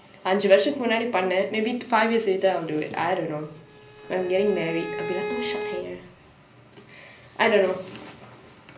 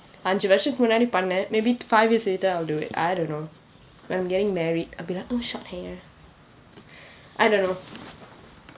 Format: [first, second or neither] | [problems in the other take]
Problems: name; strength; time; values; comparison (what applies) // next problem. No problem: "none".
second | background sound (Bowed string instrument); 9 dB below the speech // room echo; dies away in 0.5 s